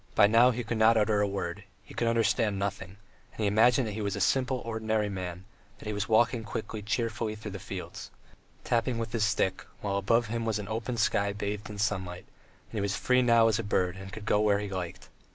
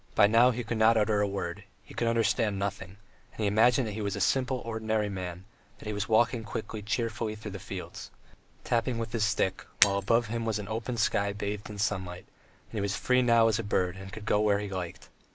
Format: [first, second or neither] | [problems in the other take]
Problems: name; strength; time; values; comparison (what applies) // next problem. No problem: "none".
first | noise reduction (neural mask model Resemble Enhance denoiser)